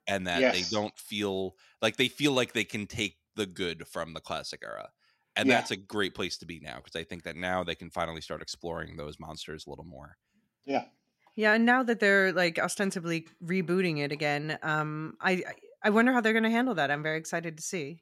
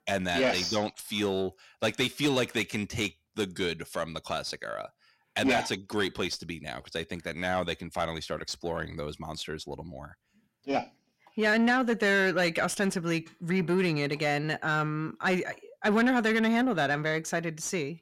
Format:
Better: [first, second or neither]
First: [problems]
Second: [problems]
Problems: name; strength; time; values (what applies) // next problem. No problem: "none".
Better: first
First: none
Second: distortion; slight; 10 dB below the speech